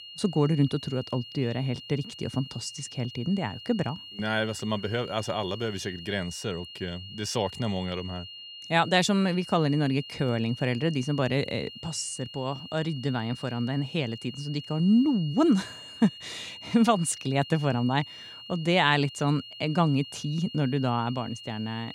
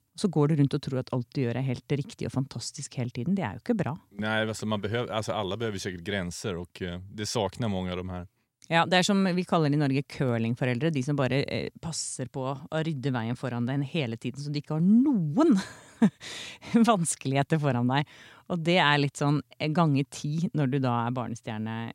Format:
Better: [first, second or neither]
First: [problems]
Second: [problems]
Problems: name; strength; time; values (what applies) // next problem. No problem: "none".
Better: second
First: high-pitched whine; noticeable; throughout; 3 kHz, 15 dB below the speech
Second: none